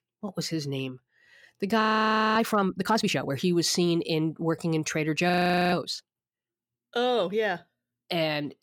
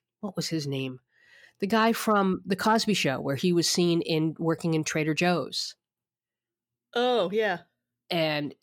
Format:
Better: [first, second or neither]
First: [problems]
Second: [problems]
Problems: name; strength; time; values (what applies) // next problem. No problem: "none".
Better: second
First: audio freezing; at 2 s for 0.5 s and at 5.5 s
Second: none